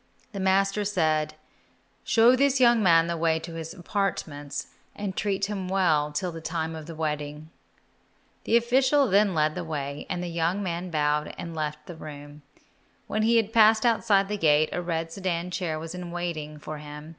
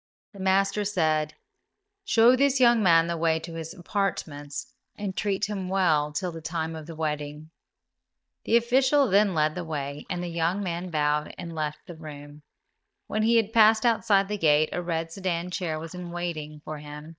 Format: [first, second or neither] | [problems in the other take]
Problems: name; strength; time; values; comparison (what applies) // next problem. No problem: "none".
first | noise reduction (neural mask model DeepFilterNet 3)